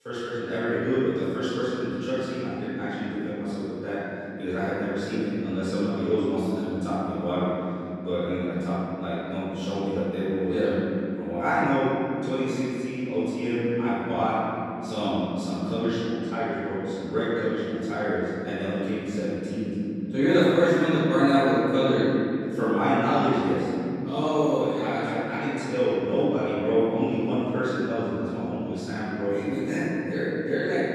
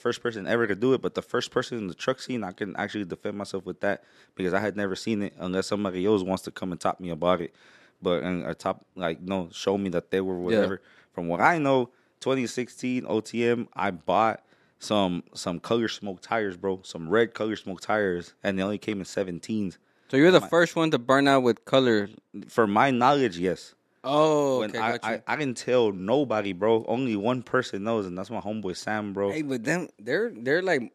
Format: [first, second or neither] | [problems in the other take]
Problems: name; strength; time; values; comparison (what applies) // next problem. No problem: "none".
second | off-mic speech; far // room echo; strong; dies away in 3 s